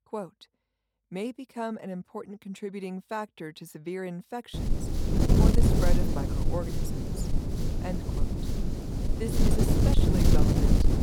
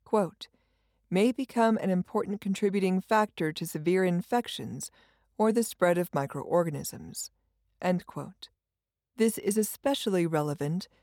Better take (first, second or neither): second